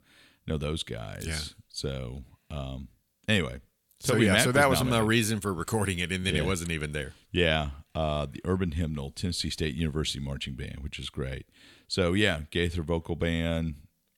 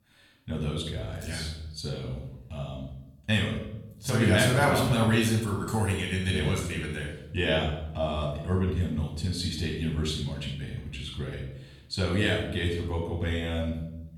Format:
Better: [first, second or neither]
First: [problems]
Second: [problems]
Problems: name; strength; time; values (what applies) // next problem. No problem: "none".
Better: first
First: none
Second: off-mic speech; far // room echo; noticeable; dies away in 0.7 s